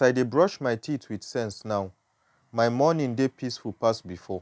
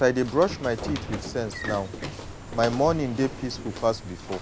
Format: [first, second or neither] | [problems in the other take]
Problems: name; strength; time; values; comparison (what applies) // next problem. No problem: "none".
first | background sound (Sliding door / Train + Walk, footsteps); 9 dB below the speech